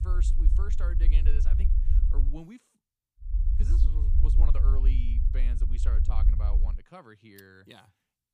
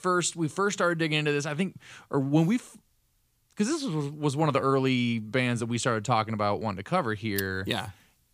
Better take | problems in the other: second | low rumble; loud; until 2.5 s and from 3.5 to 6.5 s; 1 dB below the speech

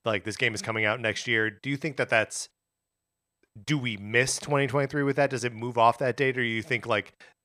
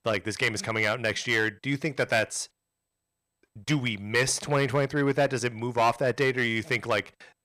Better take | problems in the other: first | distortion; slight; 3% of the sound clipped

